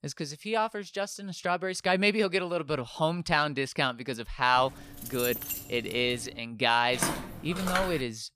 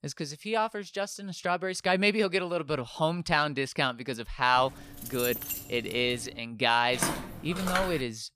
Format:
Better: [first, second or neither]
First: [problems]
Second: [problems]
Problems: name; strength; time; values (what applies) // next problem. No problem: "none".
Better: neither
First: jangling keys; noticeable; from 4.5 to 6.5 s; peak 3 dB below the speech // footsteps; noticeable; from 7 s on; peak 2 dB below the speech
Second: jangling keys; noticeable; from 4.5 to 6.5 s; peak 3 dB below the speech // footsteps; noticeable; from 7 s on; peak 2 dB below the speech